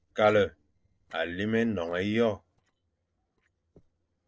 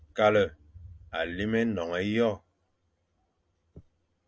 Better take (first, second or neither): second